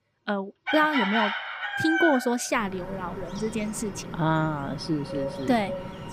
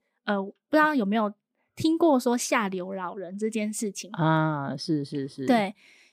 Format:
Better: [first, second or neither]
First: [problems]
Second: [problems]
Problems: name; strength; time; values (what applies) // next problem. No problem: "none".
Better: second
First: animal sounds; loud; throughout; 4 dB below the speech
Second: none